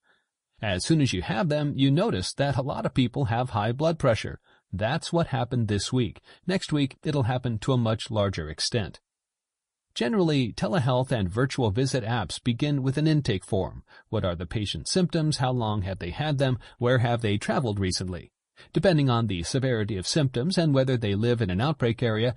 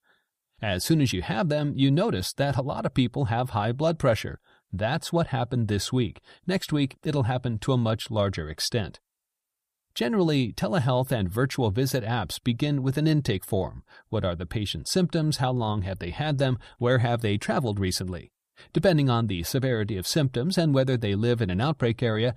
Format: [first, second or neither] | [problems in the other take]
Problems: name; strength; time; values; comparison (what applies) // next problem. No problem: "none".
second | garbled, watery; slightly; nothing above 10.5 kHz